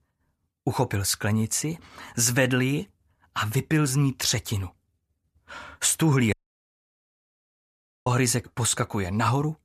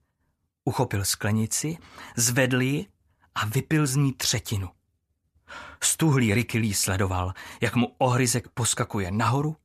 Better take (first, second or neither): second